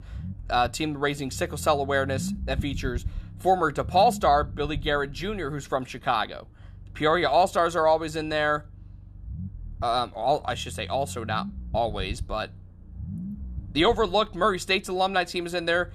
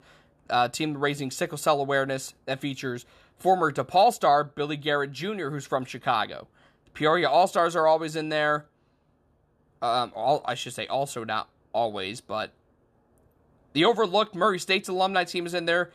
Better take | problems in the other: second | low rumble; faint; throughout; 25 dB below the speech

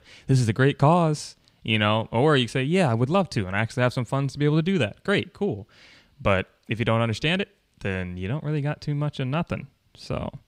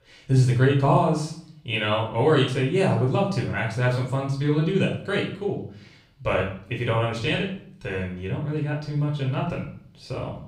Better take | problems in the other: first | off-mic speech; far // room echo; noticeable; dies away in 0.5 s

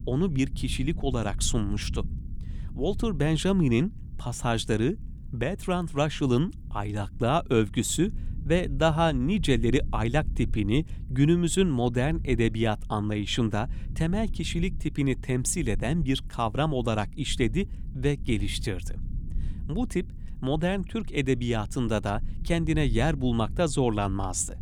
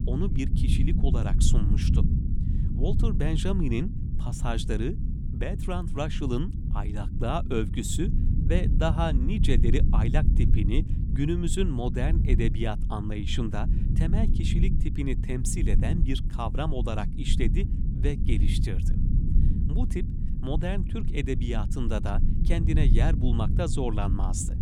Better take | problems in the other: first | low rumble; loud; throughout; 7 dB below the speech; faint in the first

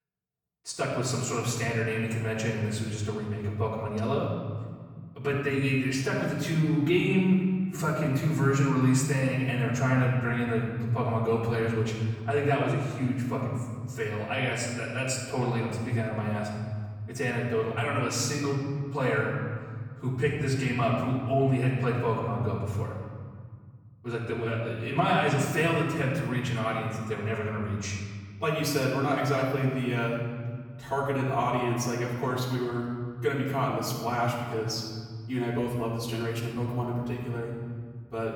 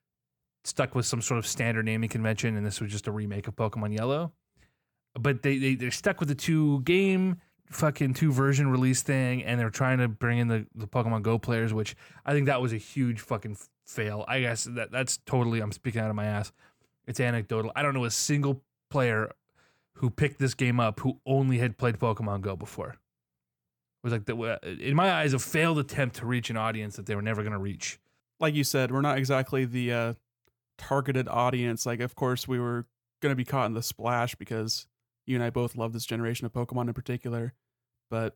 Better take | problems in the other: second | off-mic speech; far // room echo; noticeable; dies away in 1.9 s

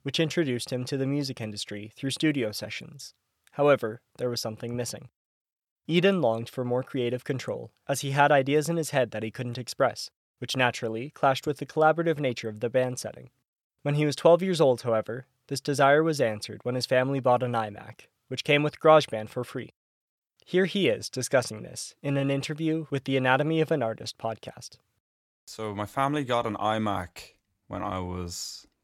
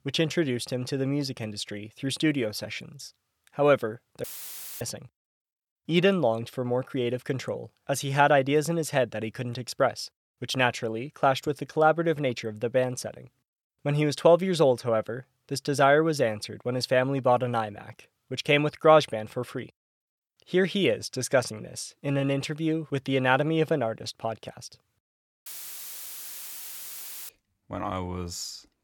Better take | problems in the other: first | audio cutting out; filled with static; at 4 s for 0.5 s and at 25 s for 2 s

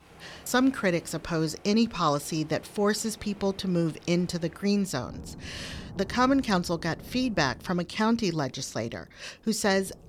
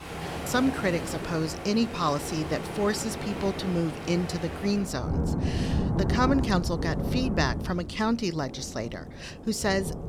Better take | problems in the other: first | rain or running water; loud; throughout; 4 dB below the speech; faint in the first

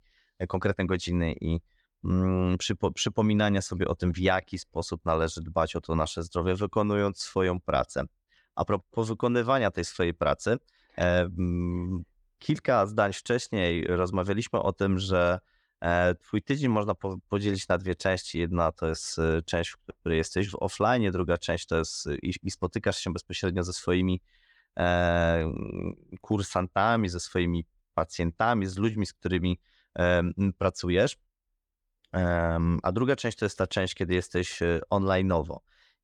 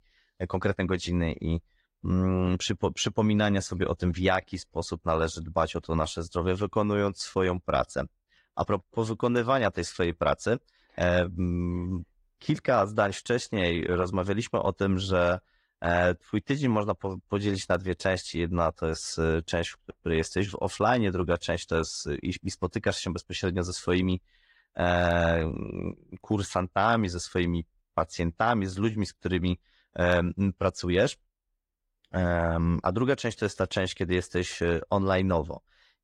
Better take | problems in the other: first | garbled, watery; slightly

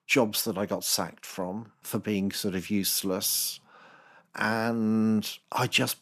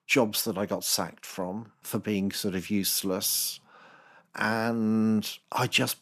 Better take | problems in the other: neither | none

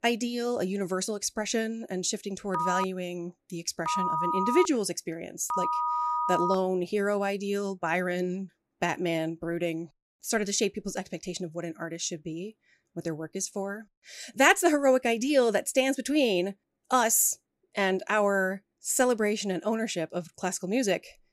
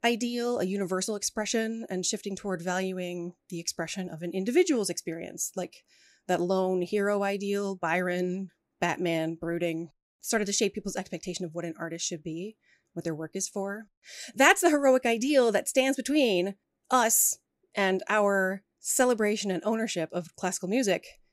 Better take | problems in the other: second | phone ringing; loud; from 2.5 to 6.5 s; peak level with the speech

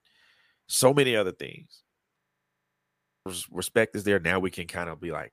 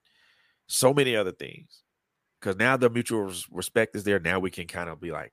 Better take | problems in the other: second | audio freezing; at 2 s for 1 s

